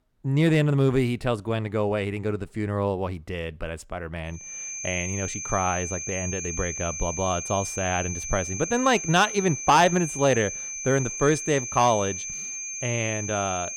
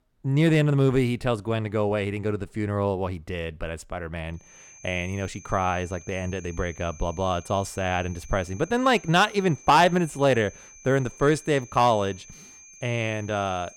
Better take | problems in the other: second | high-pitched whine; loud; from 4.5 s on; 6.5 kHz, 6 dB below the speech; faint in the second

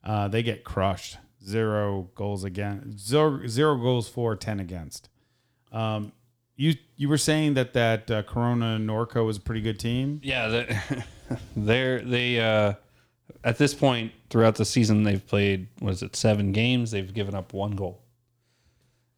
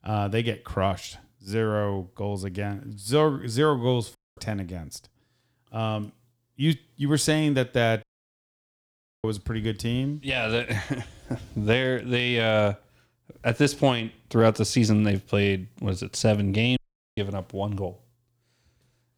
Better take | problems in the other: first | audio cutting out; at 4 s, at 8 s for 1 s and at 17 s

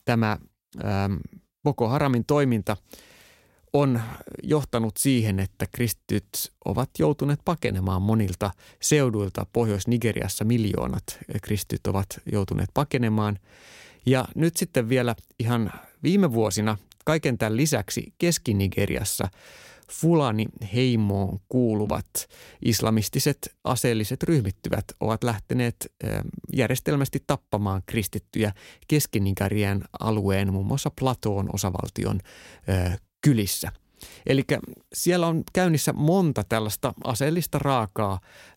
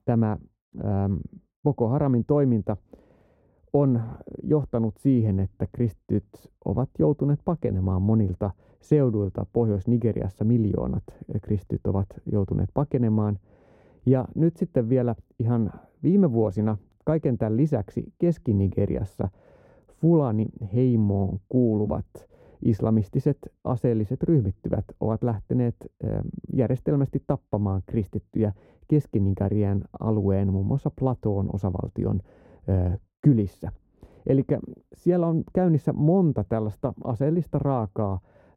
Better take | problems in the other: first | muffled; very; fading above 1.5 kHz

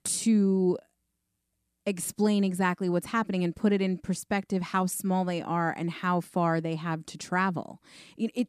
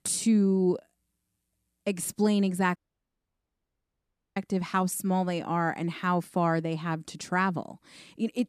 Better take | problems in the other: first | audio cutting out; at 3 s for 1.5 s

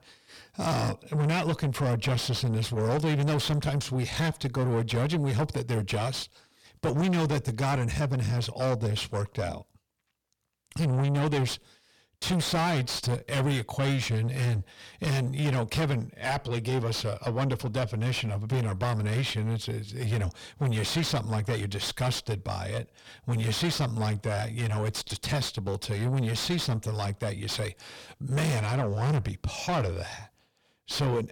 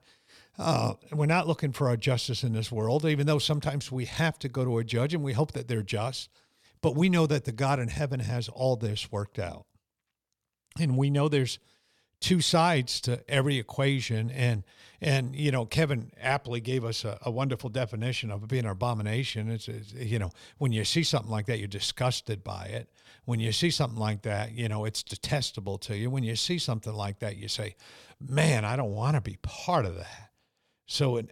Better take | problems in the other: second | distortion; heavy; 5 dB below the speech

